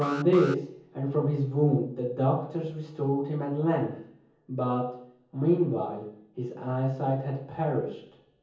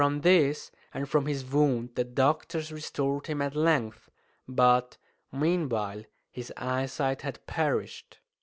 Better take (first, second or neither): second